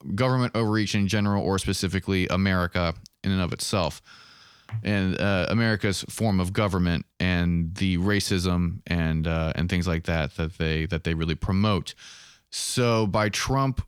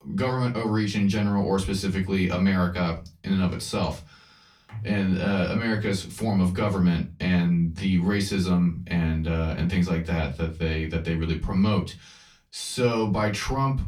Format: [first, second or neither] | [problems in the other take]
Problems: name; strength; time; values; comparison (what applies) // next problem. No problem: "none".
first | off-mic speech; far // room echo; very slight; dies away in 0.2 s